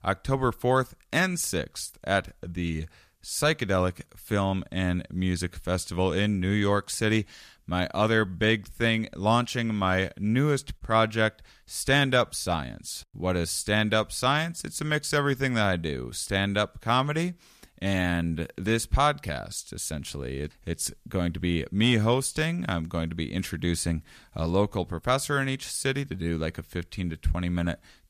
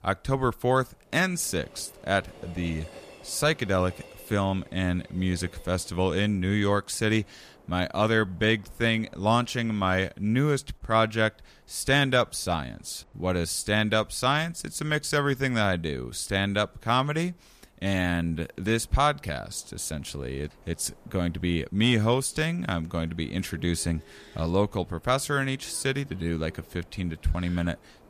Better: first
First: none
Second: train or aircraft noise; faint; throughout; 25 dB below the speech

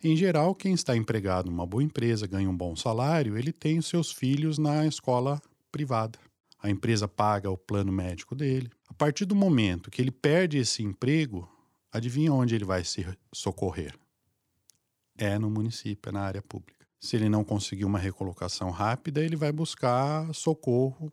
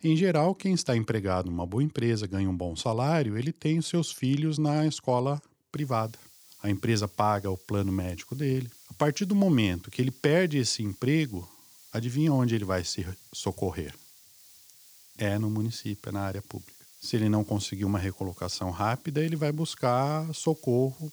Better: first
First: none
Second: hiss; faint; from 6 s on; 25 dB below the speech

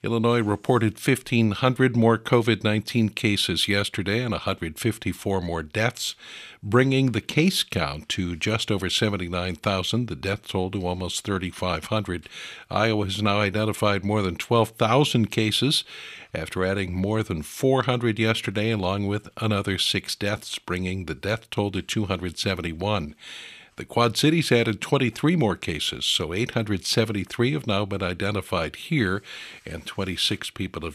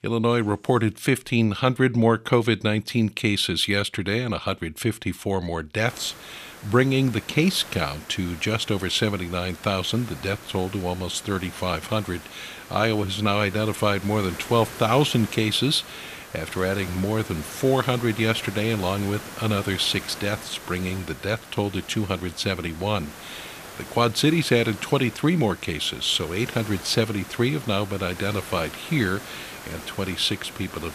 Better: first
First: none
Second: hiss; noticeable; from 6 s on; 15 dB below the speech

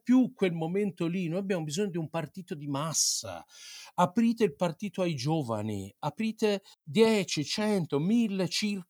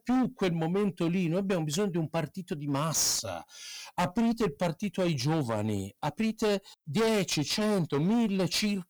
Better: first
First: none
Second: distortion; heavy; 19% of the sound clipped

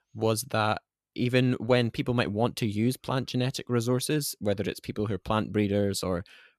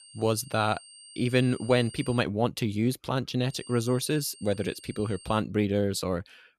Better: first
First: none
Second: high-pitched whine; noticeable; until 2 s and from 3.5 to 5.5 s; 8.5 kHz, 20 dB below the speech

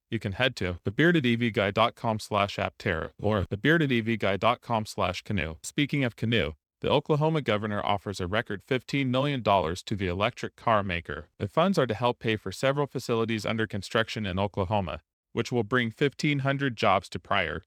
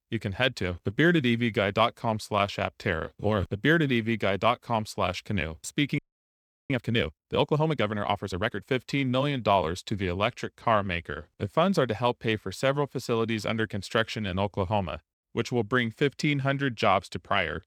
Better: first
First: none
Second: audio freezing; at 6 s for 0.5 s

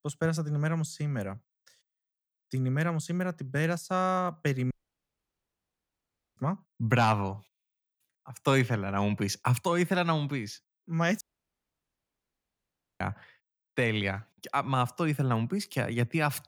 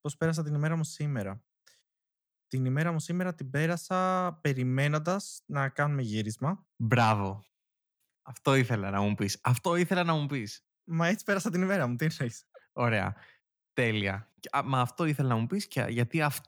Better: second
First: audio cutting out; at 4.5 s for 1.5 s and at 11 s for 2 s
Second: none

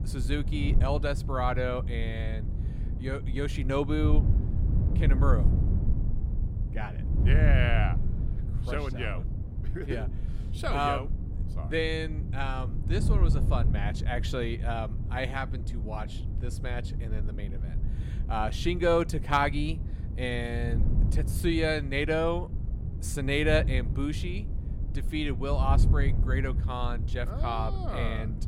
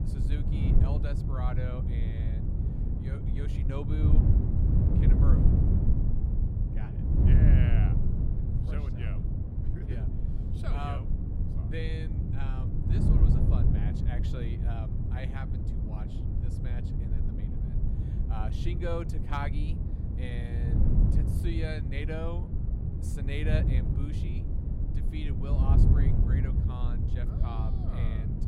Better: first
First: wind noise on the microphone; occasional gusts; 15 dB below the speech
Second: wind noise on the microphone; heavy; 1 dB above the speech

